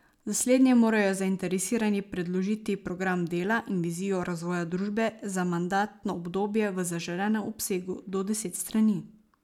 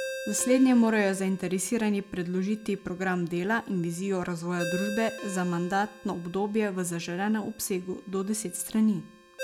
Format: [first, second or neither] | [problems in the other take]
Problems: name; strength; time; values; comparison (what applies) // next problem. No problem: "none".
first | background sound (Ringtone); 14 dB below the speech